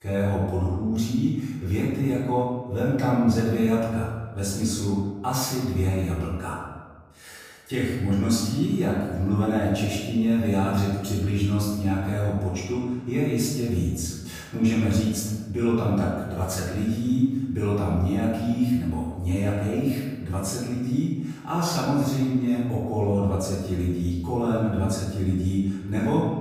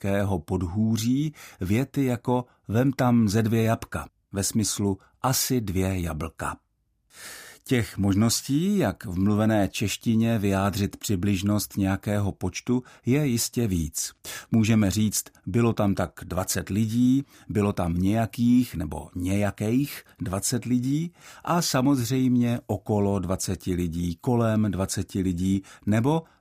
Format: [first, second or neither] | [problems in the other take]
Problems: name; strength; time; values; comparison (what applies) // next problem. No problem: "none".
second | off-mic speech; far // room echo; noticeable; dies away in 1.2 s